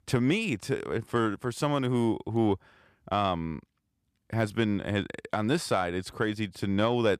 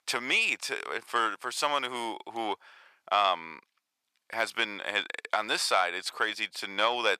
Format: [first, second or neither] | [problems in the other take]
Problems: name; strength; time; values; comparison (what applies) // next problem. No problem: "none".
first | thin; very; fading below 900 Hz